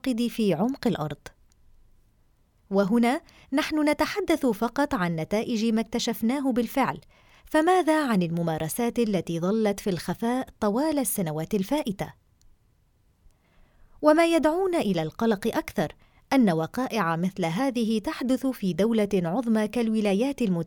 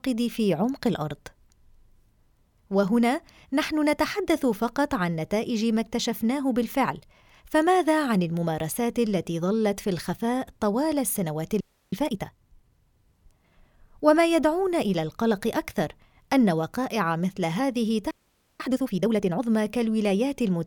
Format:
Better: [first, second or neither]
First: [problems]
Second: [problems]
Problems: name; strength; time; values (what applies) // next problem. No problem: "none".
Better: first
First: none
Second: audio freezing; at 12 s and at 18 s